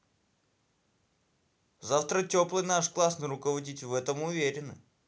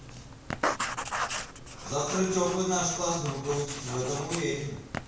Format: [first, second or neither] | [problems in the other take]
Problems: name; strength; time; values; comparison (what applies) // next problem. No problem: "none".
first | background sound (Writing); 4 dB below the speech // room echo; dies away in 0.6 s